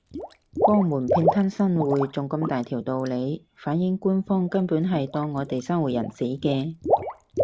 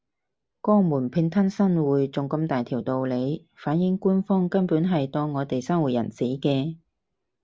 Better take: second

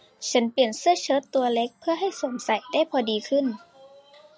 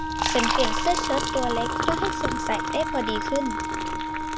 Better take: first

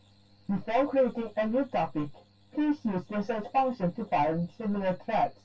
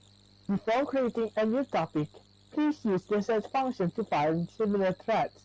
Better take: second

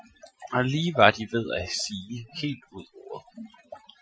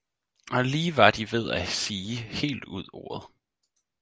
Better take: second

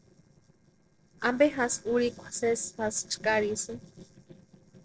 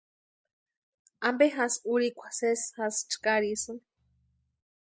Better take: second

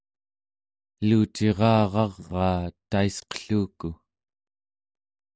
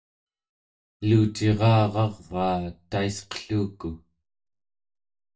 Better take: first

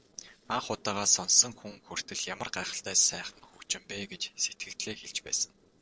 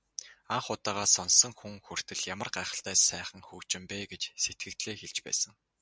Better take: second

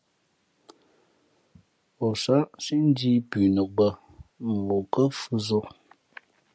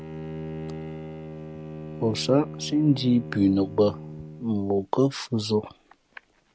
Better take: first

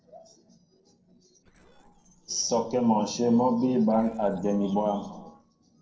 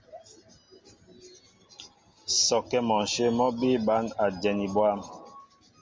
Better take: second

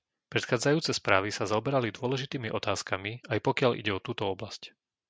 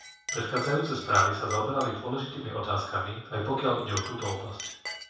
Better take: first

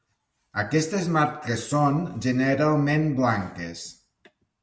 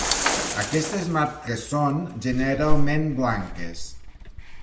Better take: first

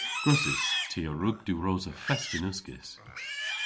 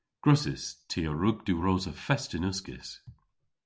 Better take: second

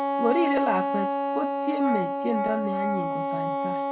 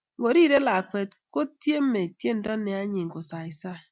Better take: second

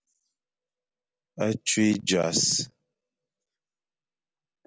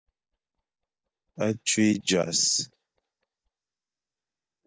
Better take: first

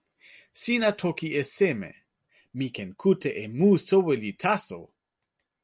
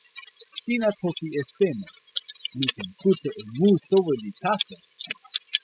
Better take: first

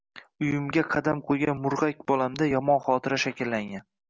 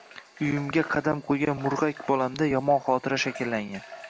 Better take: first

